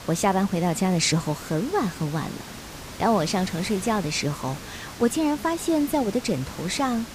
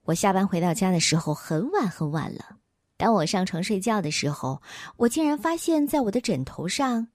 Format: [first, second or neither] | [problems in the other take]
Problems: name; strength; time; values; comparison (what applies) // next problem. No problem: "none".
second | hiss; noticeable; throughout; 15 dB below the speech